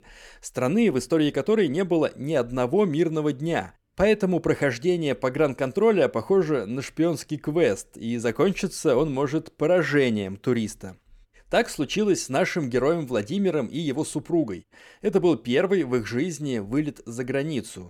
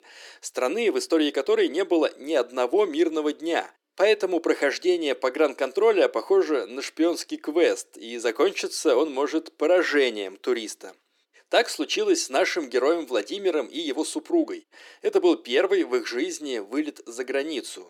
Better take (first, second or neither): first